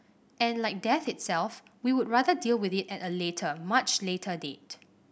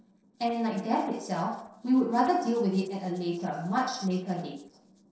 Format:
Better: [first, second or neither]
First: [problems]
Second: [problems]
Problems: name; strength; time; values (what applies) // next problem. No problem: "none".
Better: first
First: none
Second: noise reduction (neural separator model SepFormer DNS4)